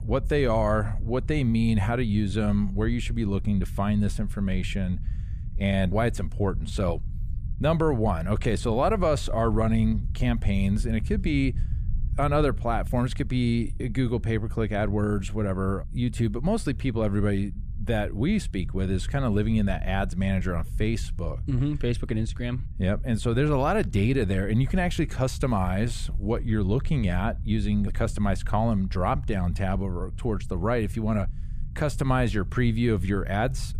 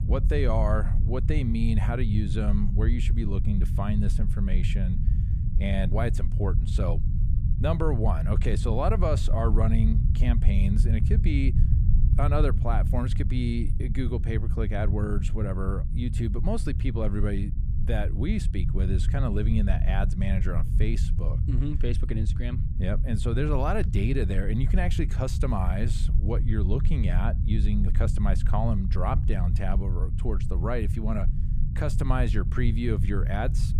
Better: first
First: low rumble; faint; throughout; 20 dB below the speech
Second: low rumble; loud; throughout; 9 dB below the speech

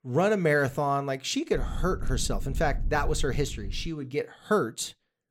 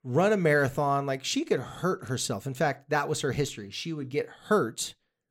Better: second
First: low rumble; faint; from 1.5 to 4 s; 25 dB below the speech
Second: none

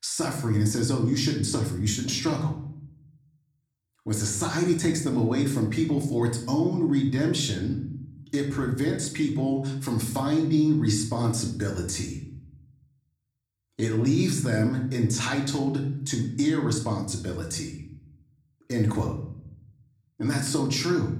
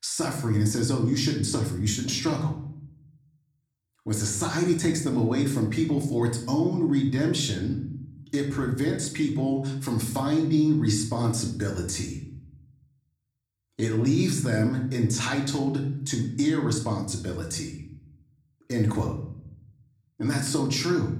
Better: neither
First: room echo; slight; dies away in 0.6 s // off-mic speech; somewhat distant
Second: room echo; slight; dies away in 0.6 s // off-mic speech; somewhat distant

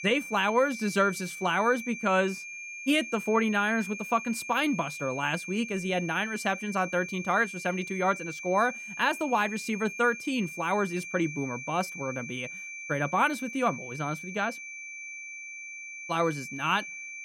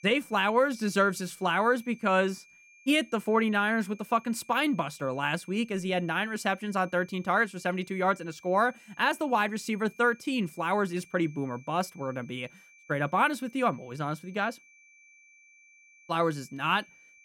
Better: second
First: high-pitched whine; loud; throughout; 2.5 kHz, 9 dB below the speech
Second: high-pitched whine; faint; throughout; 2.5 kHz, 25 dB below the speech

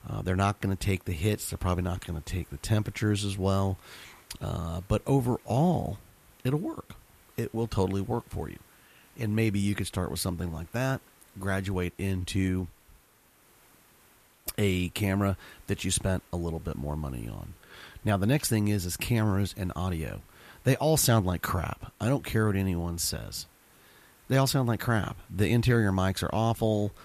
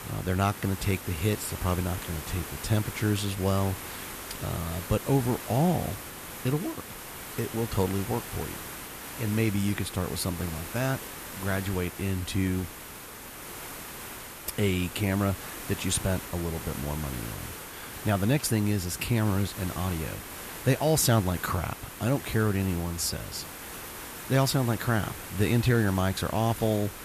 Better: first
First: hiss; faint; throughout; 30 dB below the speech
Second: hiss; loud; throughout; 10 dB below the speech

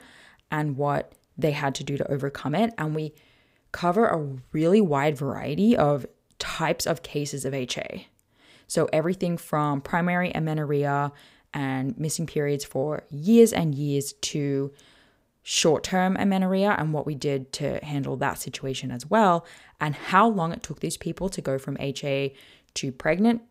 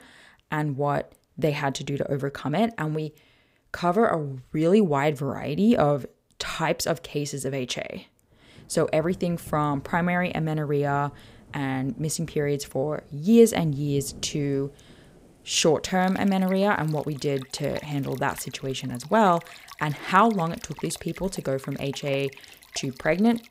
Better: first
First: none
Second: rain or running water; faint; from 8.5 s on; 20 dB below the speech

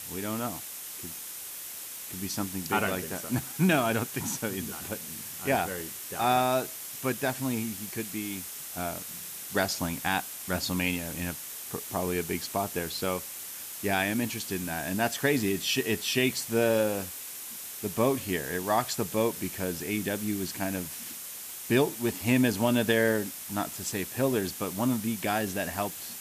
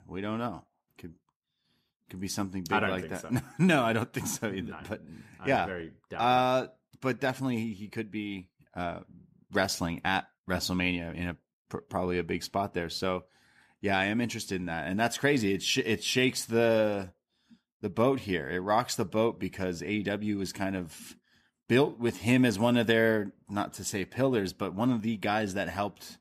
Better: second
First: hiss; loud; throughout; 7 dB below the speech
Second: none

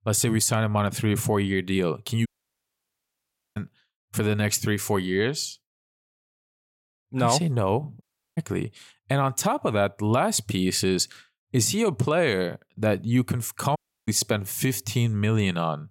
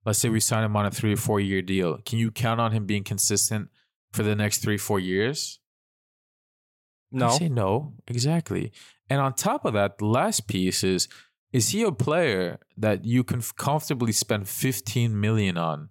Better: second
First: audio cutting out; at 2.5 s for 1.5 s, at 8 s and at 14 s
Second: none

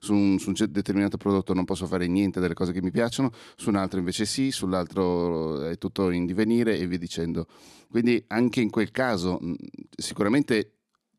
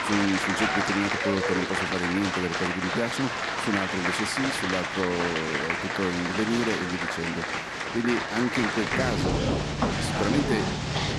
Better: first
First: none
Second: crowd noise; very loud; throughout; 2 dB above the speech

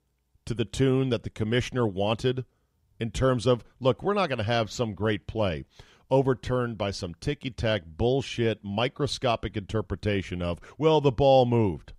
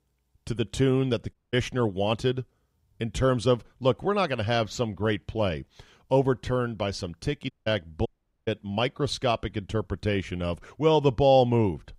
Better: first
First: none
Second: audio cutting out; at 1.5 s, at 7.5 s and at 8 s

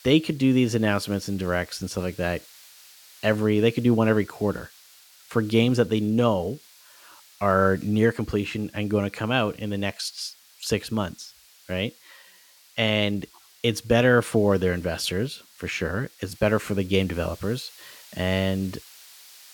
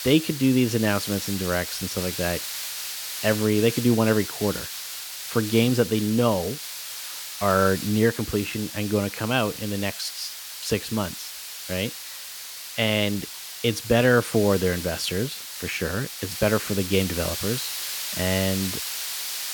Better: first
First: hiss; faint; throughout; 25 dB below the speech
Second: hiss; loud; throughout; 7 dB below the speech

